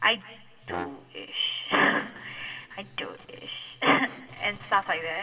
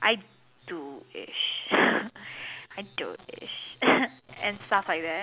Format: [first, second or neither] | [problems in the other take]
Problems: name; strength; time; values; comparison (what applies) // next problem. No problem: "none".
second | background sound (Brass instrument); 12 dB below the speech // room echo; dies away in 2.2 s